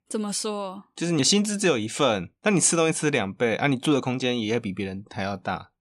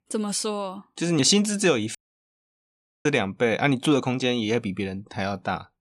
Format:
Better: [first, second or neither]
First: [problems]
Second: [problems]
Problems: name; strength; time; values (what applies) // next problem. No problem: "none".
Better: first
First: none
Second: audio cutting out; at 2 s for 1 s